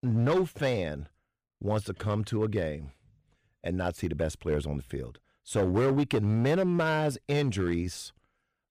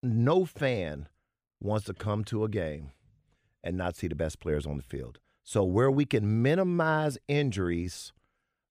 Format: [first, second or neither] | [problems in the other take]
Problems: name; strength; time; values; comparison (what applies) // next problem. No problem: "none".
second | distortion; slight; 6% of the sound clipped